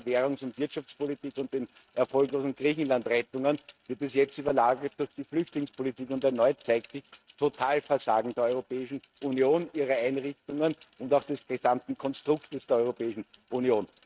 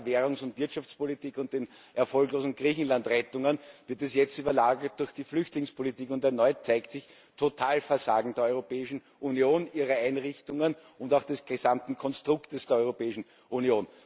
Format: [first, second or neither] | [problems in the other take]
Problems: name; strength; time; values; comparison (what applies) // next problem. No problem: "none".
second | noise reduction (neural mask model RNNoise)